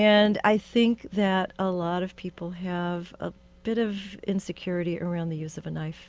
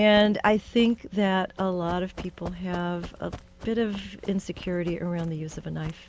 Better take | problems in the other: first | background sound (Run); 18 dB below the speech

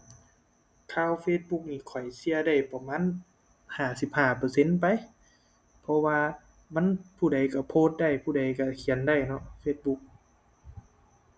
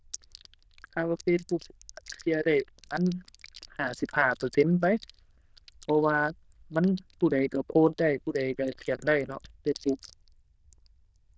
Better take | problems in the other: first | noise reduction (neural diffusion model UNIVERSE++)

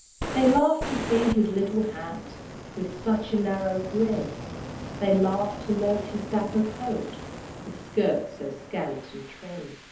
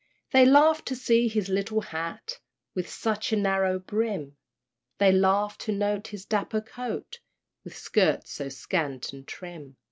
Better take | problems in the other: second | background sound (Fire); 10 dB below the speech // room echo; dies away in 0.6 s

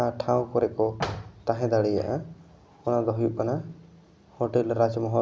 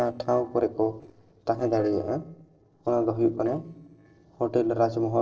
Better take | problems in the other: first | noise reduction (neural separator model SepFormer DNS4)

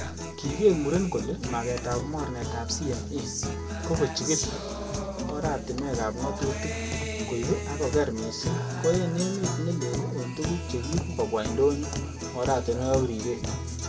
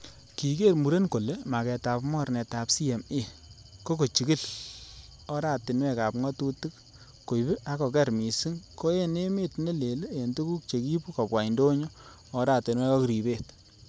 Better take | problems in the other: second | background sound (Guitar); 3 dB below the speech // room echo; dies away in 1.6 s

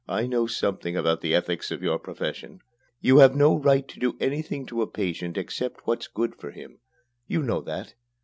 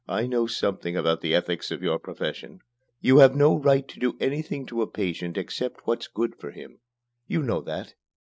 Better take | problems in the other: first | noise reduction (neural mask model Resemble Enhance denoiser)

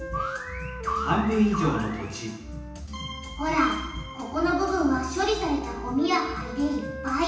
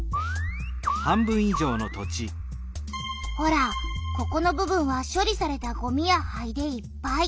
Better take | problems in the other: second | background sound (Wind instrument, woodwind instrument); 15 dB below the speech // room echo; dies away in 0.9 s

